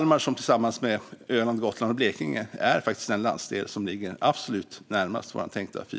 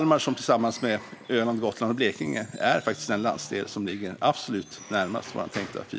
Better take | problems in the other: first | background sound (Squeak / Wood); 19 dB below the speech

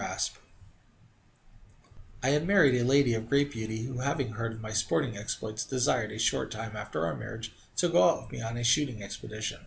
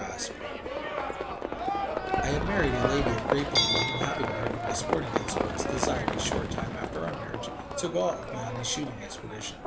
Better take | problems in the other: first | background sound (Wind + Livestock, farm animals, working animals); 3 dB above the speech

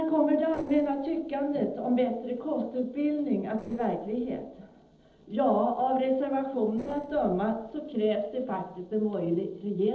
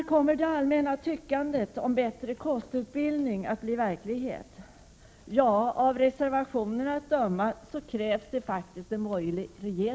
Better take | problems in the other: second | noise reduction (neural separator model SepFormer DNS4)

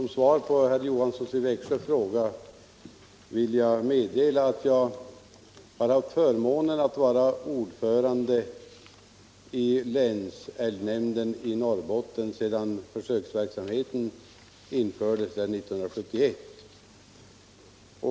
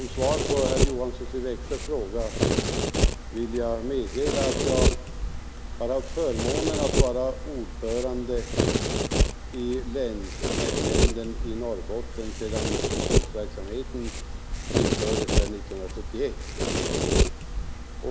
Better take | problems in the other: first | background sound (Domestic sounds, home sounds); 4 dB above the speech

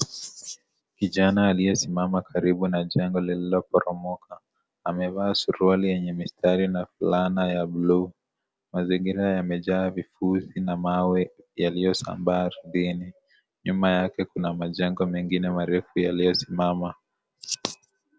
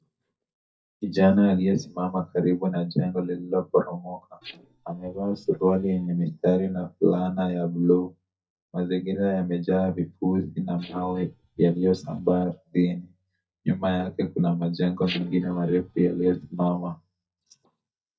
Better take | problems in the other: first | noise reduction (neural mask model DeepFilterNet 3)

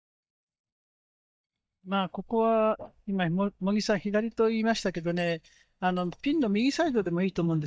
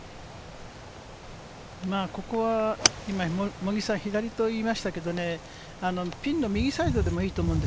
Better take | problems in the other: second | noise reduction (neural mask model DeepFilterNet 3)

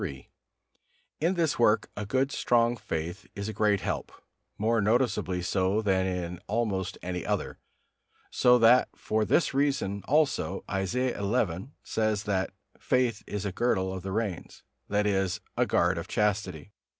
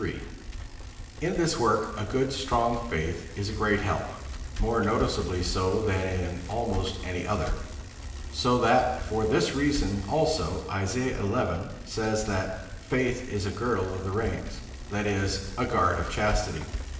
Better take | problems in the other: first | background sound (Bicycle); 8 dB below the speech // room echo; dies away in 1 s

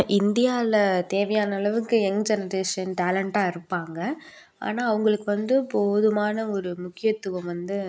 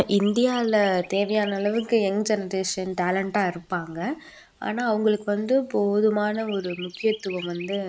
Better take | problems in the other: first | noise reduction (neural mask model Resemble Enhance denoiser)

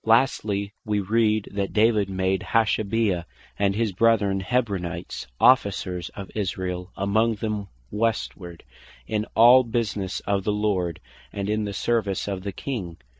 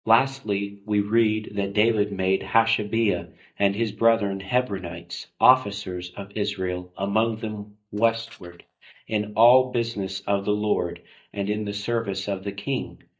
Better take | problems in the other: first | noise reduction (neural mask model DeepFilterNet 3)

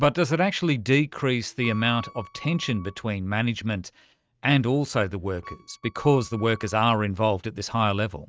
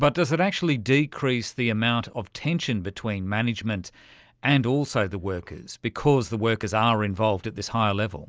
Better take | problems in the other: second | noise reduction (neural mask model RNNoise)

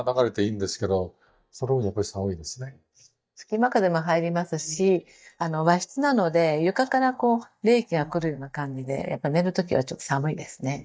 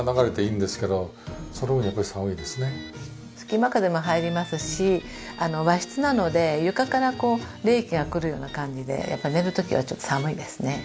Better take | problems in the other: second | noise reduction (neural mask model DeepFilterNet 3)

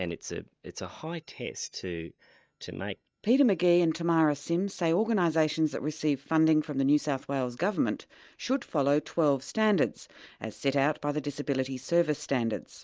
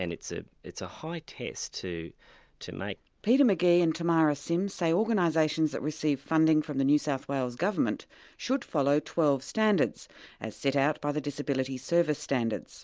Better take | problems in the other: second | noise reduction (neural mask model DeepFilterNet 3)

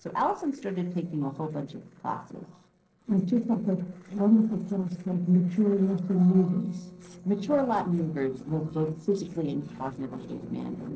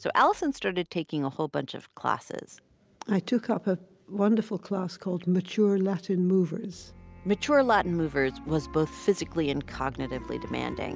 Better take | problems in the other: second | noise reduction (neural separator model SepFormer DNS4)

